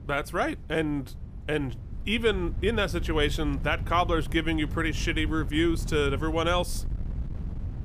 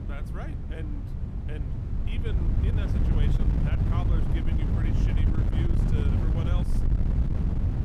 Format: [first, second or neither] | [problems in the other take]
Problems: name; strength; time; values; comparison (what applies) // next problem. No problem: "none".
first | wind noise on the microphone; heavy; 3 dB above the speech; occasional gusts in the first